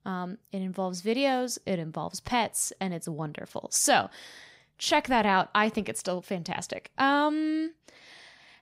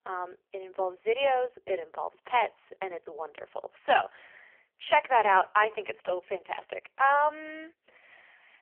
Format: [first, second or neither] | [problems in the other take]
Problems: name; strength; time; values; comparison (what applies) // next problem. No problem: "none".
first | phone-call audio; poor line; nothing above 3 kHz